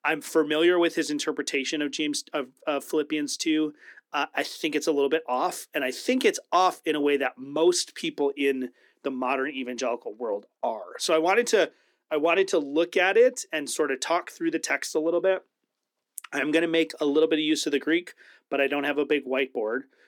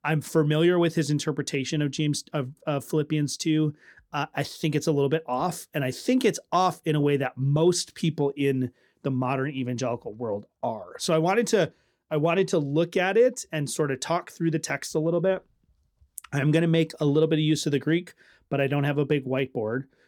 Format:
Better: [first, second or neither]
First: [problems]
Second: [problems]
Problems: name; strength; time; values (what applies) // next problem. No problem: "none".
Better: second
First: thin; somewhat; fading below 250 Hz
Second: none